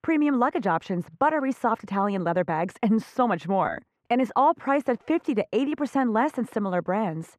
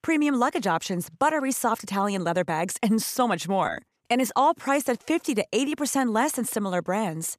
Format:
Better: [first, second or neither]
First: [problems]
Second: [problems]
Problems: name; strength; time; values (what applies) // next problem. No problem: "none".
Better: second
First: muffled; very; fading above 4 kHz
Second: none